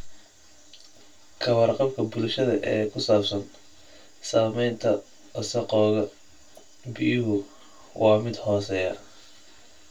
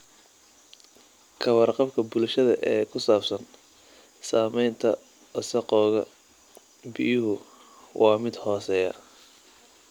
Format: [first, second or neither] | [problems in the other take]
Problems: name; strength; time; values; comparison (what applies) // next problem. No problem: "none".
second | room echo; dies away in 0.1 s